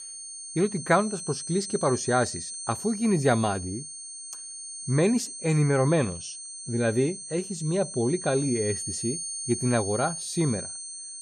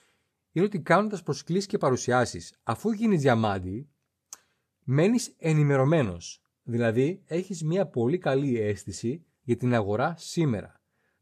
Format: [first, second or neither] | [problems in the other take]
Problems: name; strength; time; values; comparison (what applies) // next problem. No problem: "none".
second | high-pitched whine; loud; throughout; 8.5 kHz, 8 dB below the speech